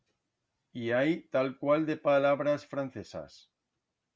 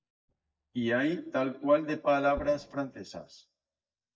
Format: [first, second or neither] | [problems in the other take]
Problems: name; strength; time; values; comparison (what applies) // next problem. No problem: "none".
first | noise reduction (neural mask model DeepFilterNet 3)